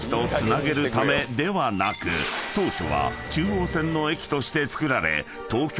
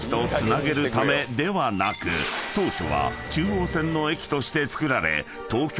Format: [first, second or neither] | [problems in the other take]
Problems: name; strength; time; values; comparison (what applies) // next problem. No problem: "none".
second | background sound (Fireworks); 20 dB below the speech